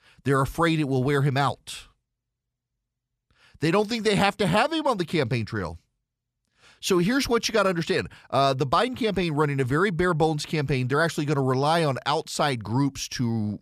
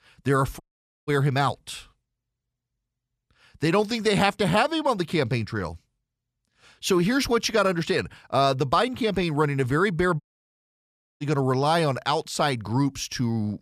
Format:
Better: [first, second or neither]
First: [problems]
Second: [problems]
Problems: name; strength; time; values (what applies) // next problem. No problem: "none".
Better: first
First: none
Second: audio cutting out; at 0.5 s and at 10 s for 1 s